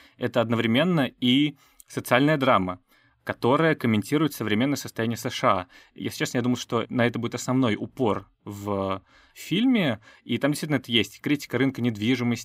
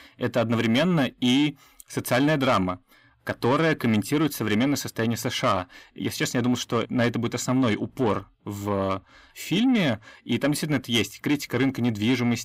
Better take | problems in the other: first | distortion; slight; 10 dB below the speech

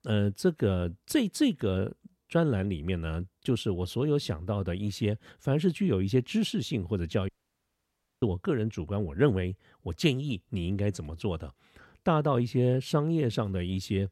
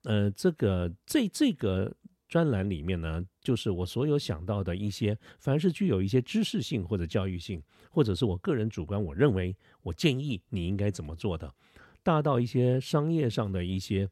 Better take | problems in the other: second | audio cutting out; at 7.5 s for 1 s

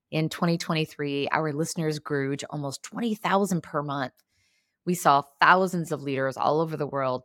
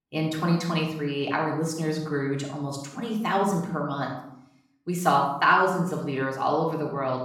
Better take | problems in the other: first | off-mic speech; far // room echo; noticeable; dies away in 0.6 s

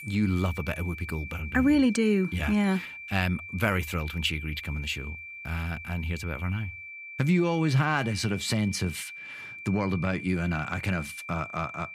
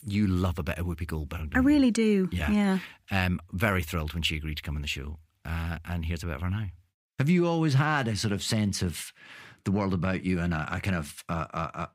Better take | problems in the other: second | high-pitched whine; noticeable; throughout; 2.5 kHz, 10 dB below the speech

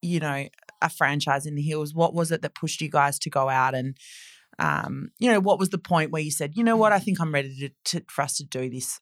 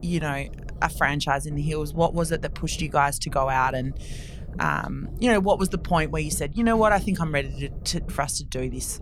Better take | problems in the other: first | low rumble; faint; throughout; 25 dB below the speech

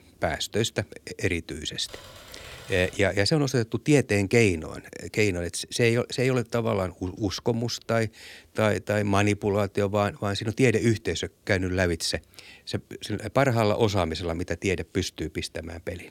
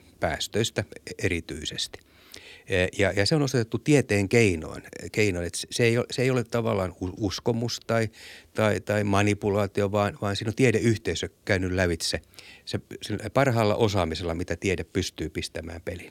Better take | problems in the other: second | keyboard typing; faint; from 2 to 3 s; peak 15 dB below the speech

